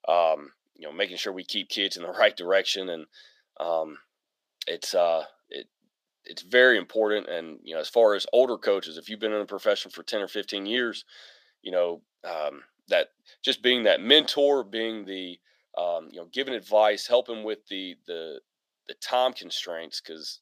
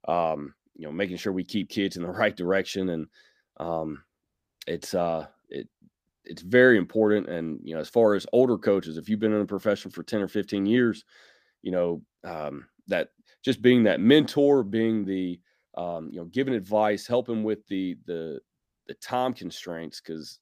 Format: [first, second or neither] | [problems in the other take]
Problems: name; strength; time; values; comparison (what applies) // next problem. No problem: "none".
second | thin; somewhat; fading below 500 Hz